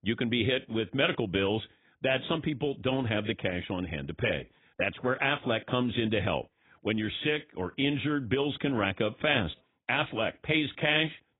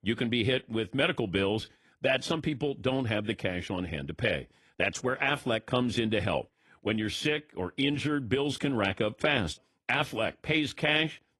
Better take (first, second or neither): second